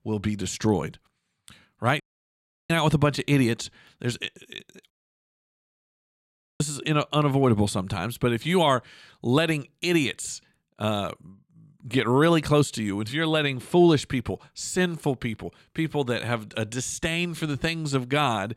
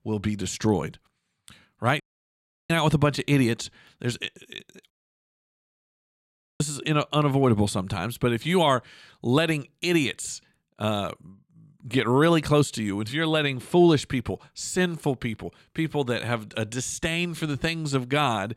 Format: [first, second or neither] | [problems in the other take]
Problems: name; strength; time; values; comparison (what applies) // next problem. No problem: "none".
neither | audio cutting out; at 2 s for 0.5 s and at 5 s for 1.5 s; the same in both